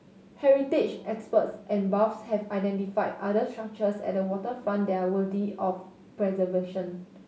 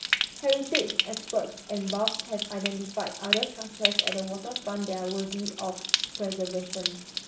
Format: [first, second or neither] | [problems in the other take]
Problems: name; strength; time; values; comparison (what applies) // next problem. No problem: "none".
first | background sound (Stream); as loud as the speech